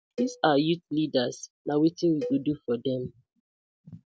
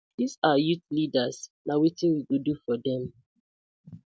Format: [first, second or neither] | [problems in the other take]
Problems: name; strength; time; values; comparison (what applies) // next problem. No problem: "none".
second | background sound (Cowbell); 14 dB below the speech